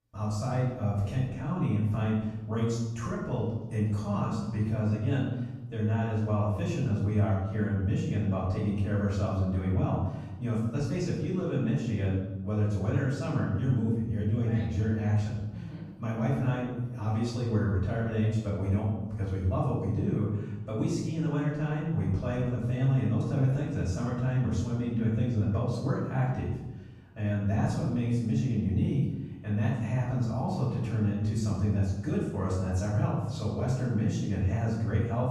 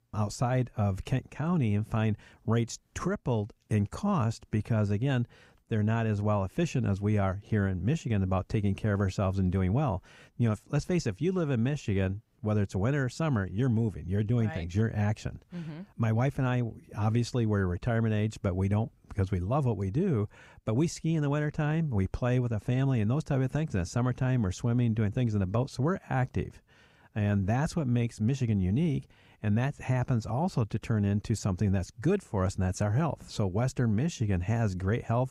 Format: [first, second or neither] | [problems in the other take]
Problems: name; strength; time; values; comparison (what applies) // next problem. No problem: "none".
second | off-mic speech; far // room echo; noticeable; dies away in 1 s